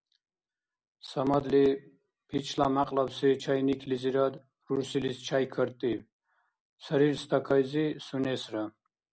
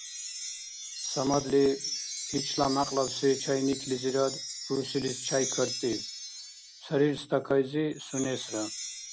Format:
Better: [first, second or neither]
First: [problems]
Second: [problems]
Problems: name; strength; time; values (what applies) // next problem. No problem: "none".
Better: first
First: none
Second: background sound (Wind chime); 8 dB below the speech